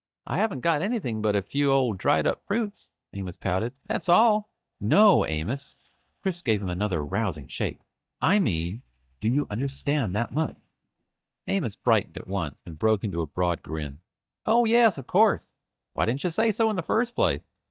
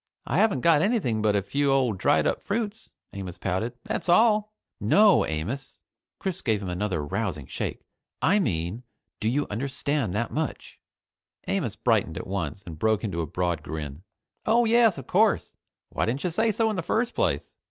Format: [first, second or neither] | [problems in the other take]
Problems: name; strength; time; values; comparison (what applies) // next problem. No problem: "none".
second | noise reduction (neural mask model DeepFilterNet 3)